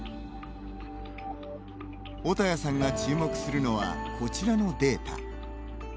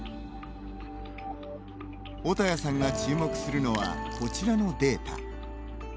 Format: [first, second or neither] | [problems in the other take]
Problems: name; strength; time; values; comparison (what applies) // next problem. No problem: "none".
first | background sound (Sink (filling or washing)); 17 dB below the speech